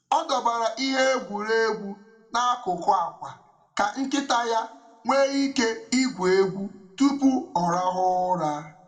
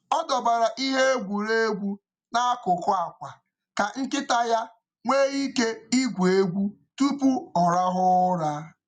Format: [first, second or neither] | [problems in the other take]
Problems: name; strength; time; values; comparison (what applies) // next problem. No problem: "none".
second | room echo; dies away in 0.8 s